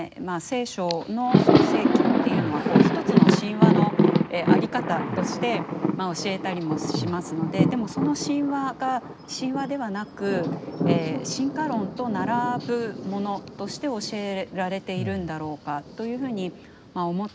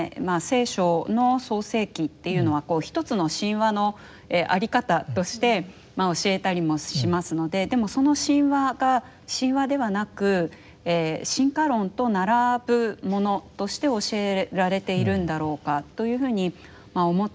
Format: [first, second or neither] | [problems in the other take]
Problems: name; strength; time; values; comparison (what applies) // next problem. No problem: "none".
second | background sound (Thunder); 3 dB above the speech